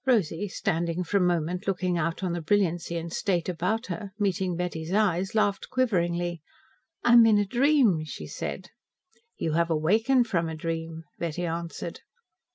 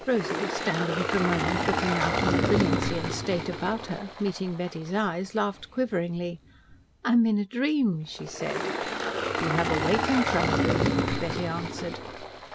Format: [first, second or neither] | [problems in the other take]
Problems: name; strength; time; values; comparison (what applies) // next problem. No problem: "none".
first | background sound (Engine); 1 dB below the speech